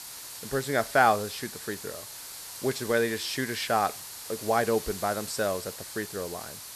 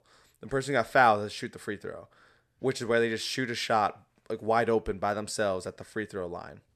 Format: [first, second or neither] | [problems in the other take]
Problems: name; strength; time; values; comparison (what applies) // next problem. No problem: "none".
second | hiss; loud; throughout; 10 dB below the speech